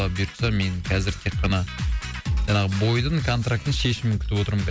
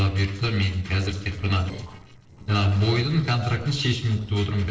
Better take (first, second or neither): first